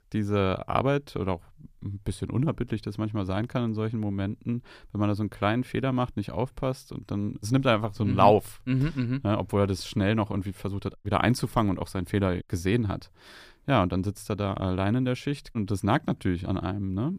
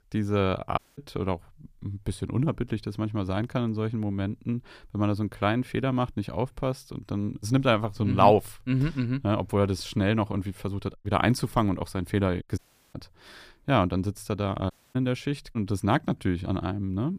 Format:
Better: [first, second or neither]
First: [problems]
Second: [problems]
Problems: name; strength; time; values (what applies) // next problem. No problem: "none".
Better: first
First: none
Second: audio cutting out; at 1 s, at 13 s and at 15 s